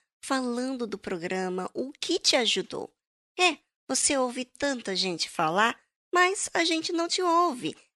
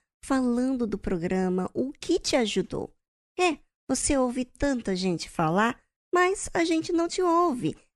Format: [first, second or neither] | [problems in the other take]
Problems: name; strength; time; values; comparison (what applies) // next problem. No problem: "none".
second | thin; very slightly; fading below 600 Hz